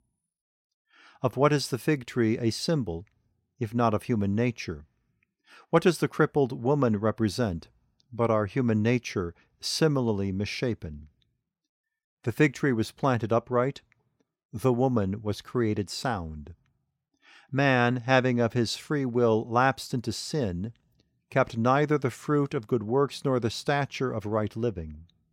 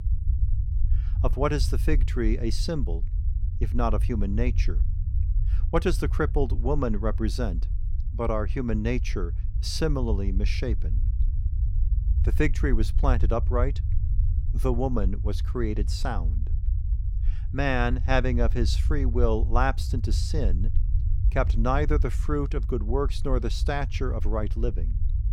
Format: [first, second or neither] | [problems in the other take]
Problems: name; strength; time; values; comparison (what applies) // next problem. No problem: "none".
first | low rumble; noticeable; throughout; 15 dB below the speech